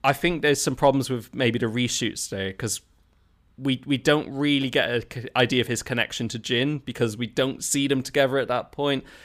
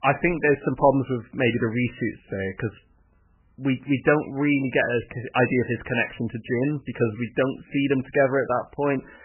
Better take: first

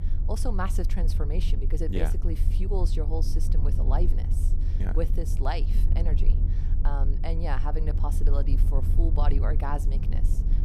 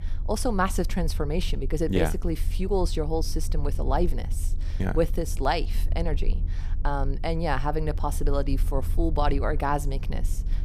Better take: second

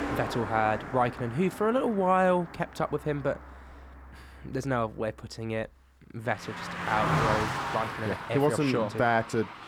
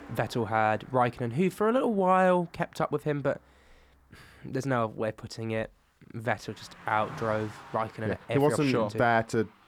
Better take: second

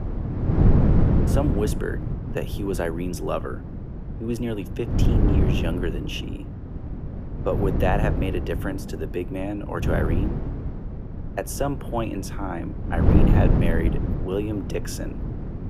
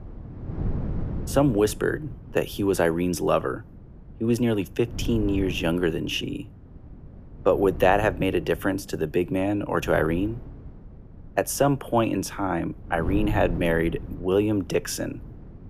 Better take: second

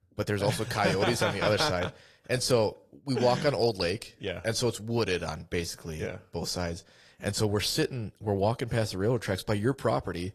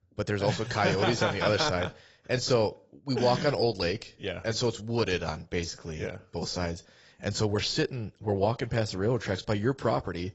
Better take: first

